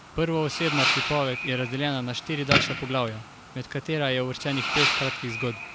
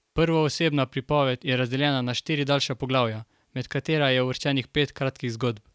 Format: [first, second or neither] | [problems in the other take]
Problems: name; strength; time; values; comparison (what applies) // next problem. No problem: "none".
second | background sound (Fireworks); 2 dB below the speech